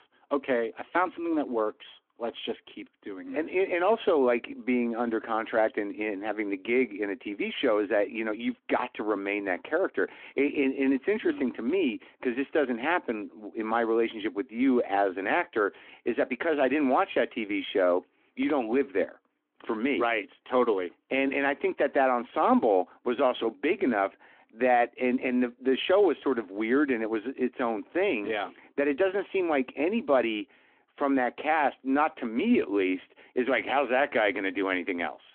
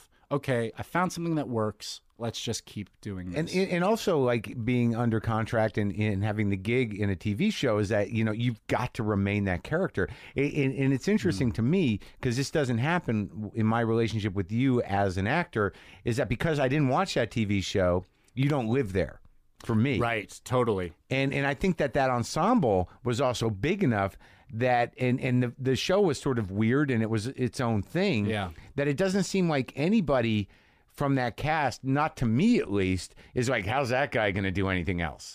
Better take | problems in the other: second | phone-call audio

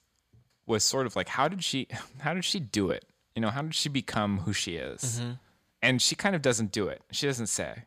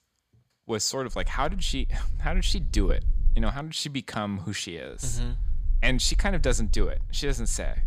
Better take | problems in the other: first | low rumble; faint; from 1 to 3.5 s and from 5 s on; 25 dB below the speech

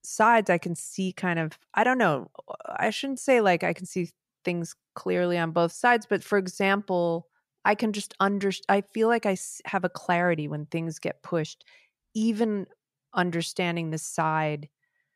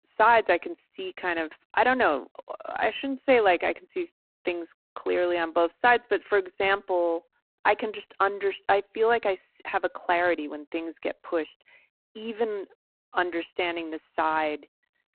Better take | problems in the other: first | phone-call audio; poor line; nothing above 4 kHz

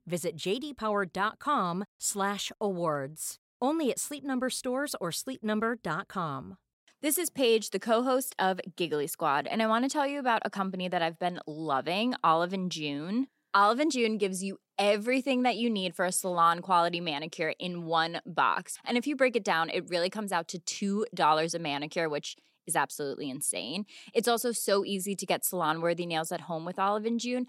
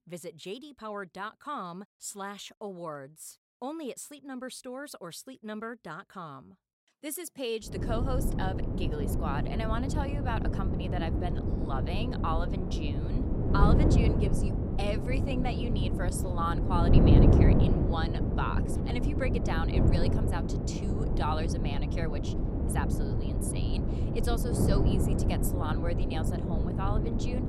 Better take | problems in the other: first | wind noise on the microphone; heavy; from 7.5 s on; as loud as the speech

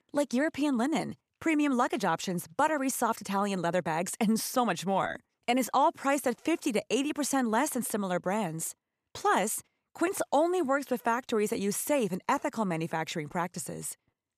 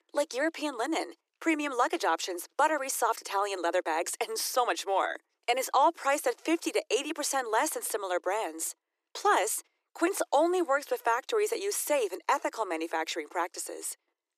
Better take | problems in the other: first | thin; very; fading below 300 Hz

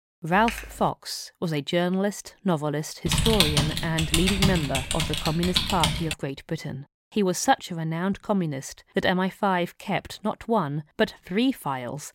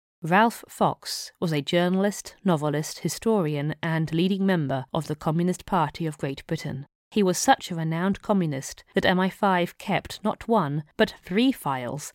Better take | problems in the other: second | keyboard typing; noticeable; at 0.5 s; peak 7 dB below the speech // keyboard typing; loud; from 3 to 6 s; peak 6 dB above the speech

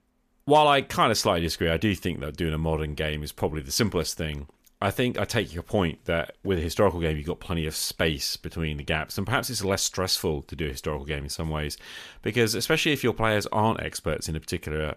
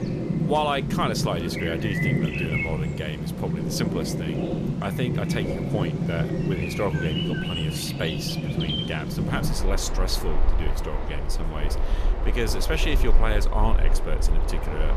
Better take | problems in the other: first | animal sounds; very loud; throughout; 3 dB above the speech

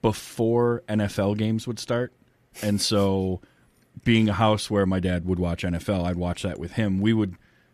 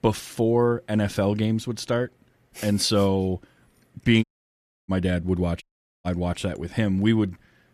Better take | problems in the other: first | audio cutting out; at 4 s for 0.5 s and at 5.5 s

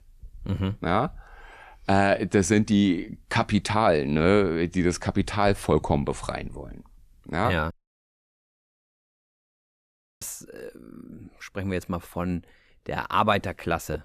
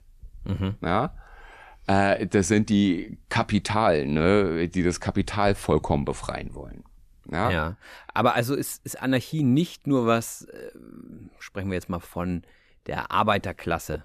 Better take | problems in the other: second | audio cutting out; at 7.5 s for 2.5 s

